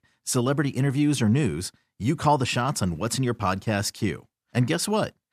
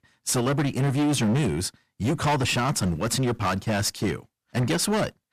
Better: first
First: none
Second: distortion; heavy; 18% of the sound clipped

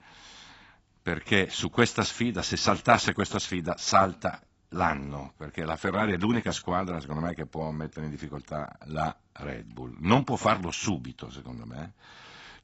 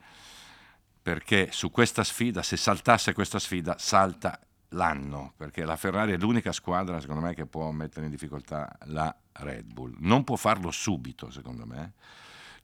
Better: second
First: garbled, watery; badly; nothing above 7.5 kHz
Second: none

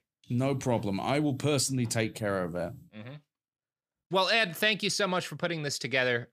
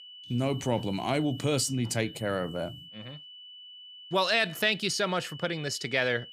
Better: first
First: none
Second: high-pitched whine; noticeable; throughout; 3 kHz, 15 dB below the speech

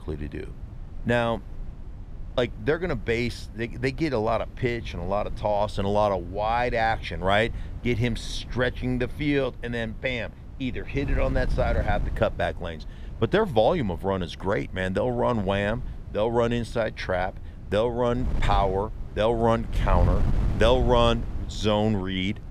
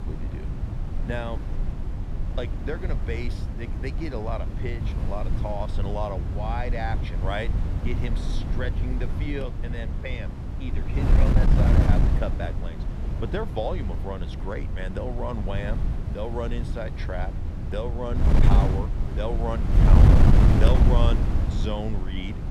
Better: first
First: wind noise on the microphone; occasional gusts; 20 dB below the speech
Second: wind noise on the microphone; heavy; 2 dB below the speech

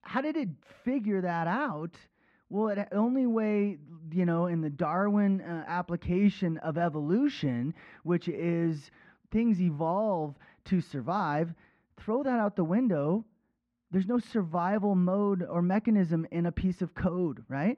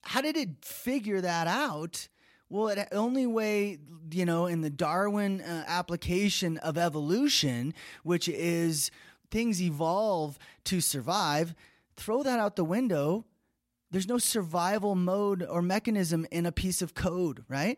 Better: second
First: muffled; very; fading above 1.5 kHz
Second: none

